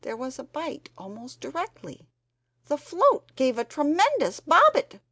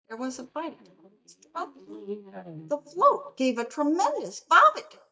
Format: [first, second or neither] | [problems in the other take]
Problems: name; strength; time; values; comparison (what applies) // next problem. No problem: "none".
first | noise reduction (neural mask model DeepFilterNet 3)